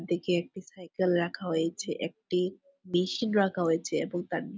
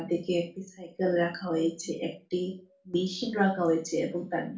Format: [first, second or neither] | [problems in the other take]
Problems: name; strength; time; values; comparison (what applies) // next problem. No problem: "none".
first | room echo; dies away in 0.3 s